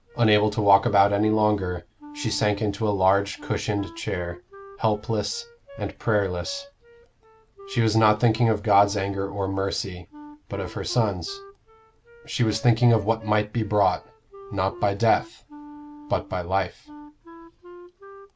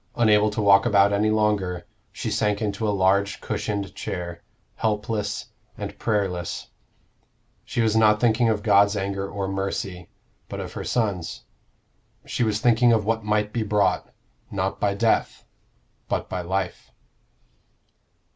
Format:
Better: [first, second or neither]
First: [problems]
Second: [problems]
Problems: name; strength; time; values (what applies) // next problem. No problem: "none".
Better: second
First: background sound (Wind instrument, woodwind instrument); 19 dB below the speech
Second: none